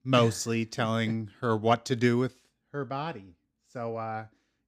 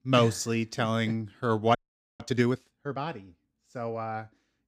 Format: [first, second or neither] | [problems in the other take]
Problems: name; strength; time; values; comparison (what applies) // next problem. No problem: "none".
first | audio freezing; at 2 s